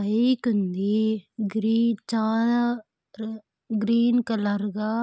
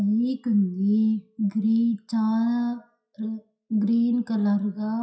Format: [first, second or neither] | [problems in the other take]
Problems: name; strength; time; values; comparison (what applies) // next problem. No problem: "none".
first | noise reduction (classical method WPE with log-MMSE)